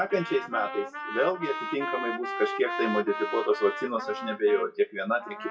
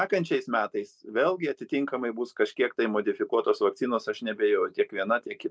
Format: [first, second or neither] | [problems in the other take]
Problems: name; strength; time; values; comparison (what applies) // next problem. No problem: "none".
second | noise reduction (classical method WPE with log-MMSE)